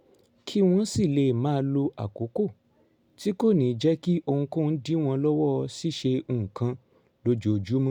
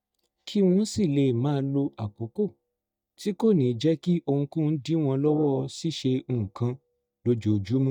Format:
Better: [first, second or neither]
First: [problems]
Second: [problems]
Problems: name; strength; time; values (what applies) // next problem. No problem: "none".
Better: first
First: none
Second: noise reduction (neural mask model DeepFilterNet 3)